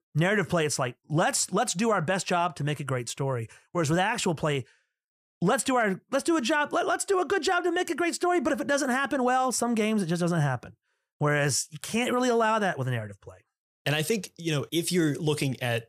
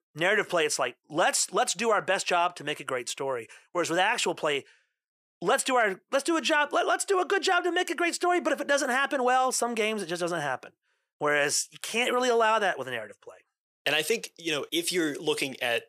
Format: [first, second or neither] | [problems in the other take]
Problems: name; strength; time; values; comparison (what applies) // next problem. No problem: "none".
first | thin; somewhat; fading below 400 Hz